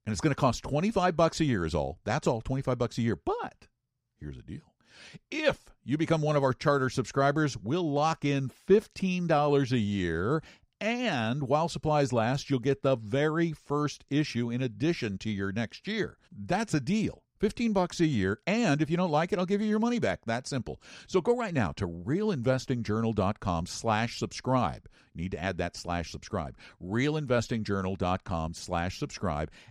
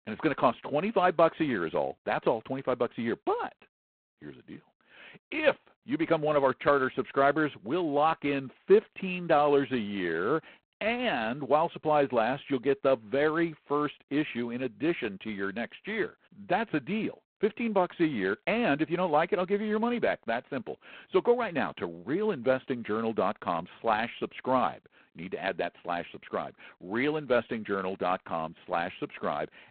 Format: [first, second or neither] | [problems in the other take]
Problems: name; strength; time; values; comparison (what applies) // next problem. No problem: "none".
first | phone-call audio; poor line; nothing above 4 kHz